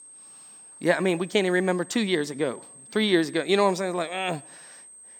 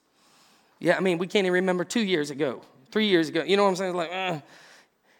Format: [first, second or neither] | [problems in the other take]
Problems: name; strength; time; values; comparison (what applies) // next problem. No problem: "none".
second | high-pitched whine; noticeable; throughout; 8.5 kHz, 20 dB below the speech